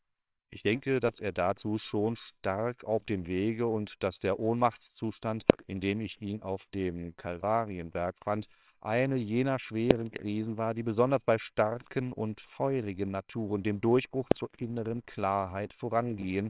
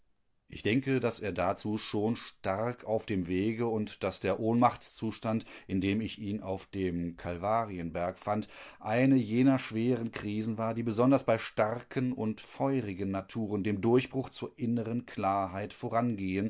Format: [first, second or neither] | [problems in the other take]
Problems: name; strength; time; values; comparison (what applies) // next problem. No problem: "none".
second | noise reduction (neural separator model SepFormer WHAMR!)